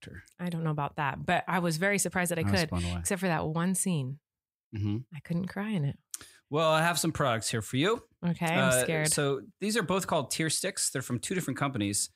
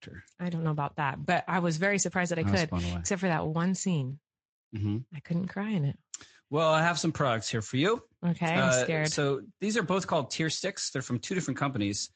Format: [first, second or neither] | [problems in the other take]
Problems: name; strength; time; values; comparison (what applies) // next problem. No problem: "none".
first | garbled, watery; slightly; nothing above 7.5 kHz